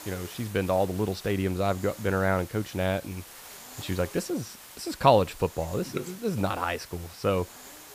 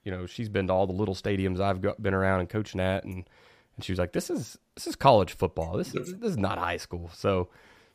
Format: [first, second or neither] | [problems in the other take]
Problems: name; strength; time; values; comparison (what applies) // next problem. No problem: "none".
second | hiss; noticeable; throughout; 15 dB below the speech